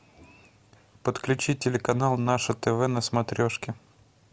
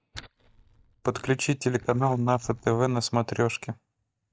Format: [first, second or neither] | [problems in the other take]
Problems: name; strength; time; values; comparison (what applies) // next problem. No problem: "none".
first | noise reduction (neural mask model DeepFilterNet 3)